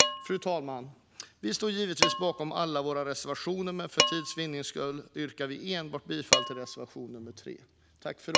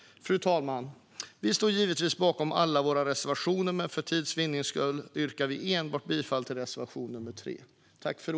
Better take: second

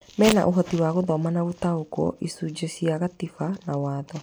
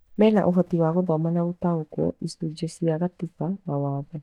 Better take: first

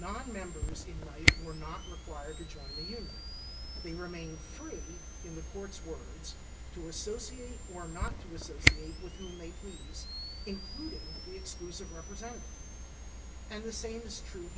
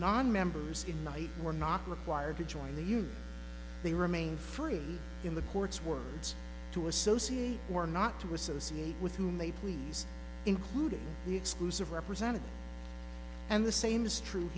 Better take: second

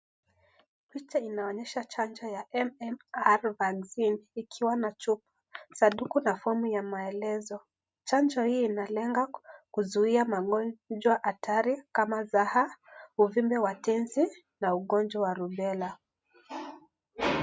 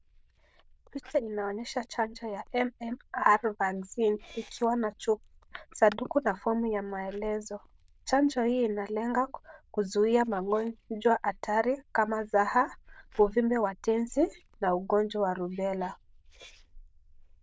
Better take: first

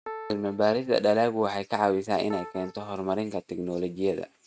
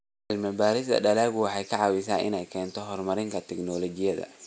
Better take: second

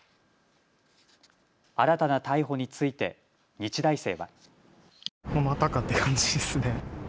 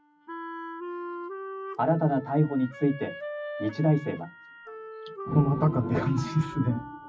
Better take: first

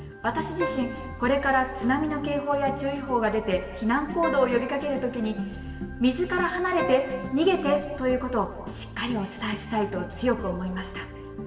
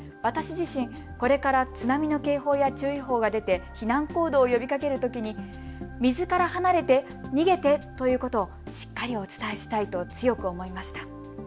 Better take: second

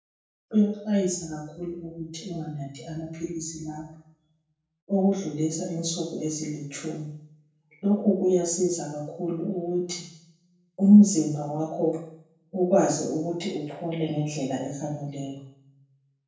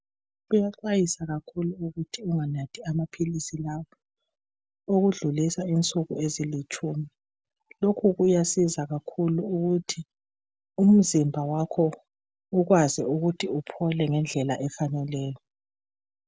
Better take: second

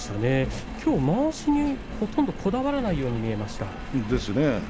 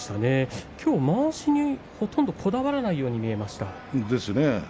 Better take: second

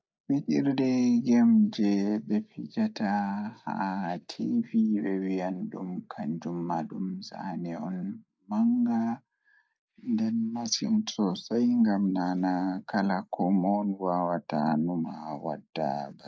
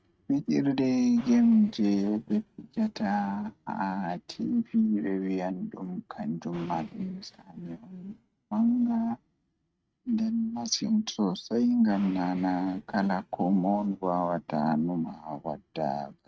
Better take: first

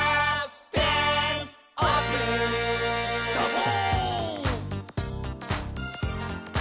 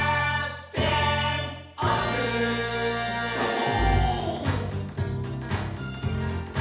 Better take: first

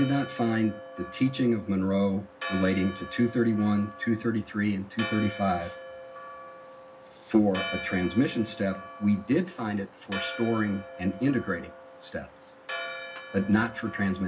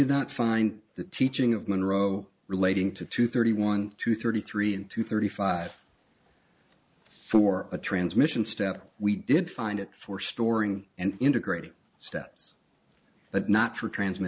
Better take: second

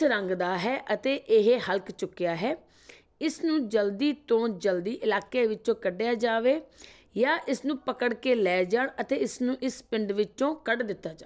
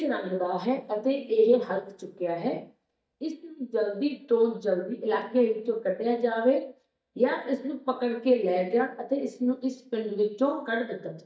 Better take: first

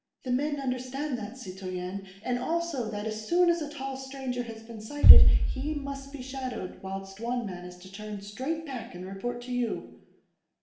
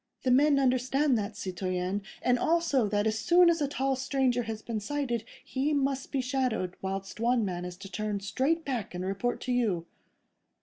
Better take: second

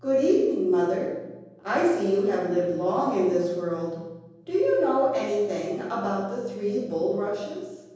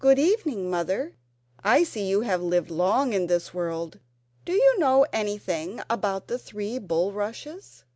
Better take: second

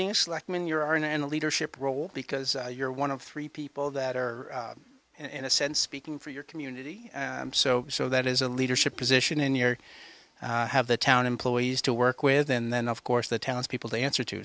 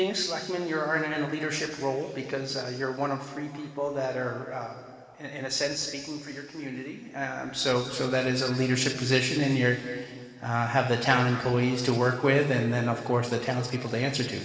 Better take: first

